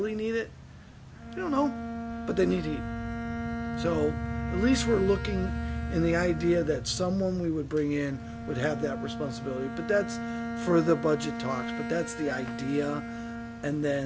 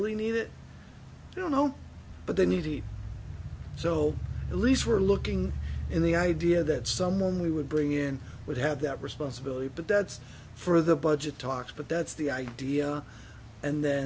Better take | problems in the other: second | background sound (Bowed string instrument); 8 dB below the speech

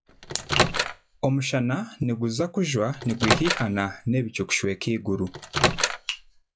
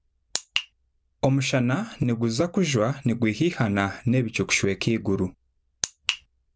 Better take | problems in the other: second | noise reduction (classical method log-MMSE)

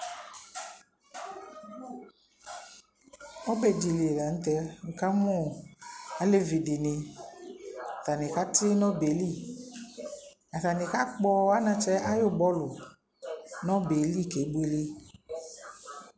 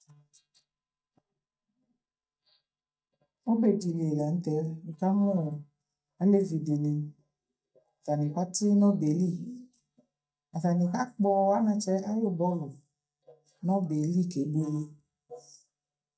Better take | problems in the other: first | noise reduction (neural mask model DeepFilterNet 3)

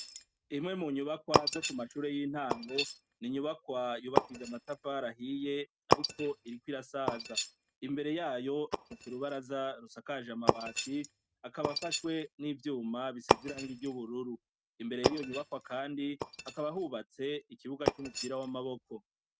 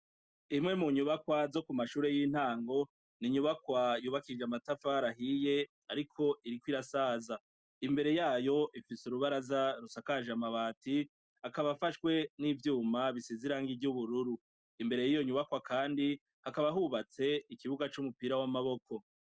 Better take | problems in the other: second | noise reduction (neural mask model RNNoise)

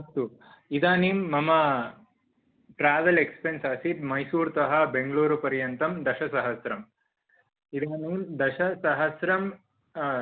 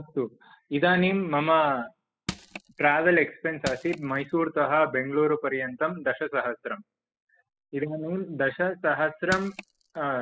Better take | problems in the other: first | noise reduction (classical method spectral subtraction)

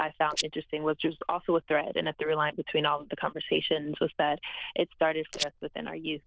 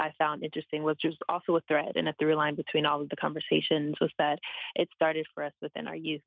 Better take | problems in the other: second | noise reduction (neural diffusion model UNIVERSE++)

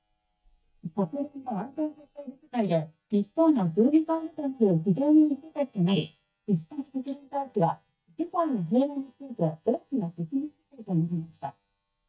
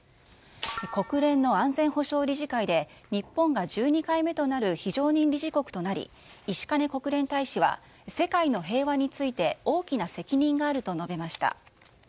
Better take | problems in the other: second | noise reduction (neural mask model DeepFilterNet 3)

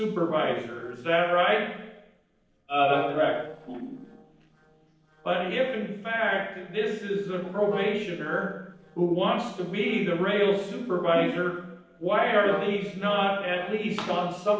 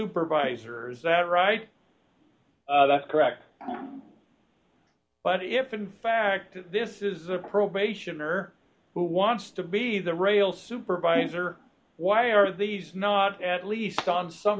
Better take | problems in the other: second | noise reduction (neural separator model SepFormer DNS4)

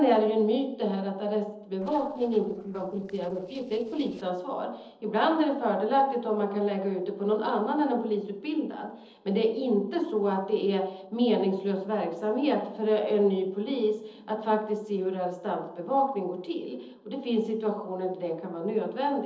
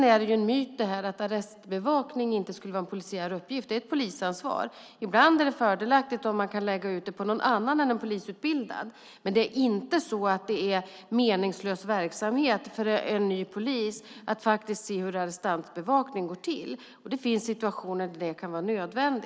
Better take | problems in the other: second | noise reduction (neural separator model SepFormer DNS4)

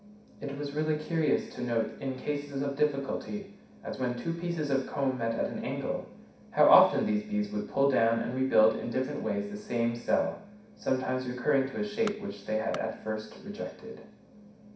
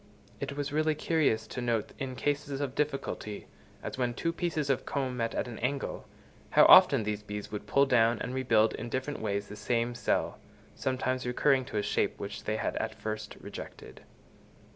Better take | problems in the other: second | background sound (Tools); 19 dB below the speech // room echo; dies away in 0.6 s

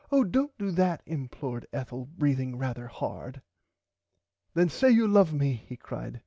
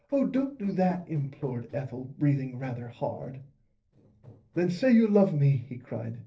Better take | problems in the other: first | noise reduction (neural separator model SepFormer DNS4)

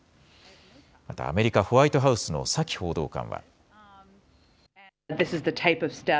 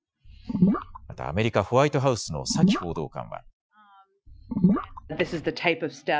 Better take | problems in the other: first | noise reduction (classical method Wiener filter)

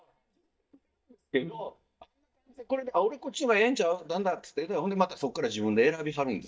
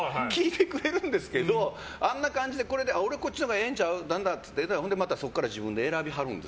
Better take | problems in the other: second | noise reduction (neural mask model DeepFilterNet 3)

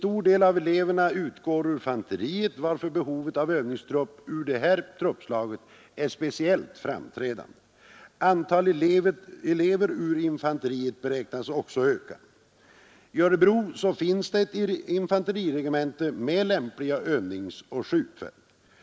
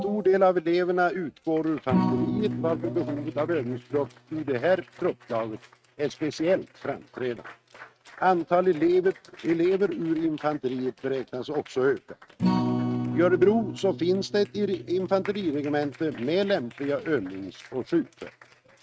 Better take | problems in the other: first | noise reduction (neural mask model RNNoise)

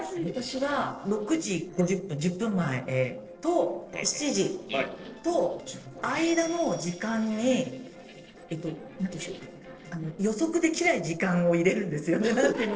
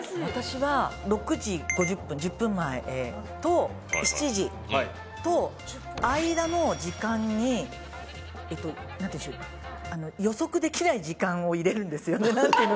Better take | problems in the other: second | noise reduction (neural separator model SepFormer DNS4)

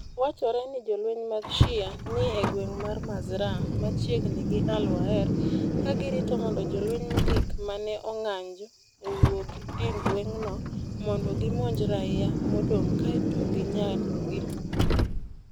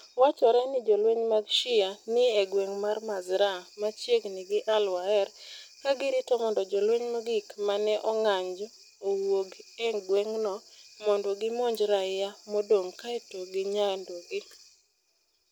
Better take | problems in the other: second | background sound (Car); 5 dB above the speech

